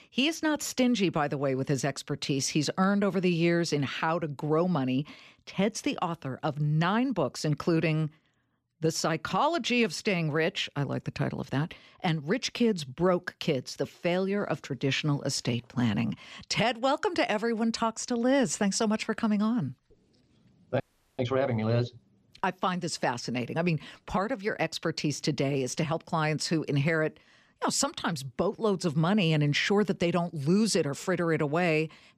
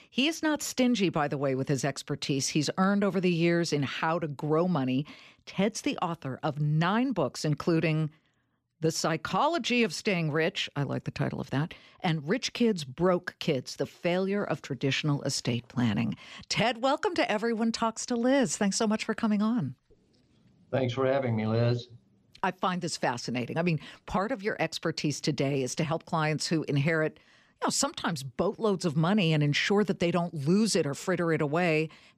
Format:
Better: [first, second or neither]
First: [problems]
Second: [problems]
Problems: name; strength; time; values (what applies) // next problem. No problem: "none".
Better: second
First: audio freezing; at 21 s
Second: none